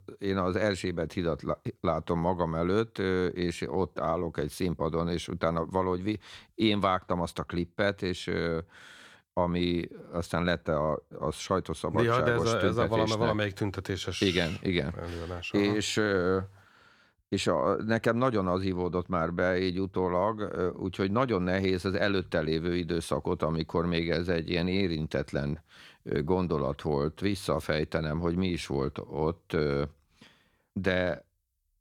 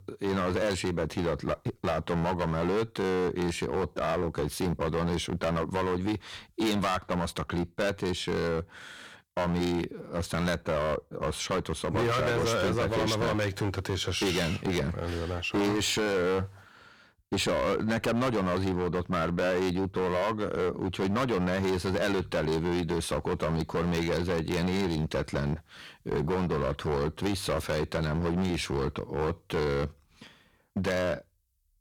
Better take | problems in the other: first | distortion; heavy; 16% of the sound clipped

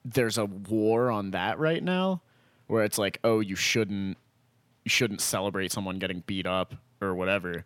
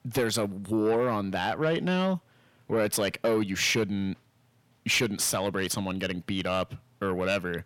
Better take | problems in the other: first | distortion; slight; 10 dB below the speech

